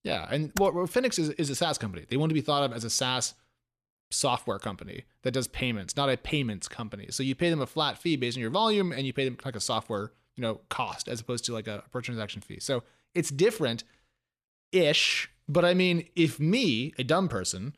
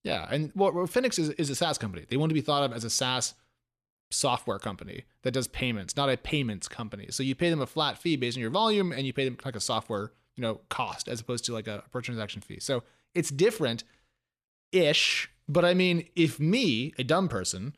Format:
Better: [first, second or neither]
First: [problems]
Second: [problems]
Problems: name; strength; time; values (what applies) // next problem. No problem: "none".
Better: second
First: keyboard typing; very faint; at 0.5 s; peak 9 dB below the speech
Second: none